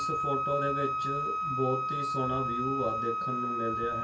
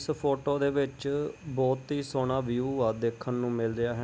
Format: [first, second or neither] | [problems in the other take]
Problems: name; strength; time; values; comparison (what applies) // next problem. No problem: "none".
second | background sound (Wind instrument, woodwind instrument); 2 dB above the speech // room echo; dies away in 0.2 s